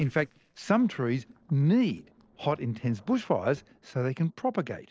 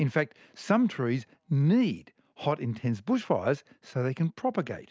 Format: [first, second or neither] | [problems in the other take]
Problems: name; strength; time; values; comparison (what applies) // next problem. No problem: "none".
second | noise reduction (neural separator model SepFormer DNS4)